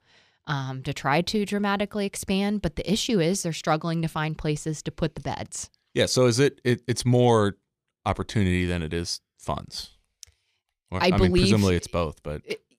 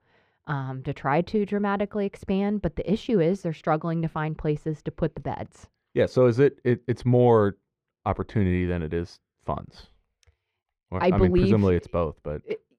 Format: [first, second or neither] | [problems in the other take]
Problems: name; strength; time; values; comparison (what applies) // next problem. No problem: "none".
first | muffled; very; fading above 3.5 kHz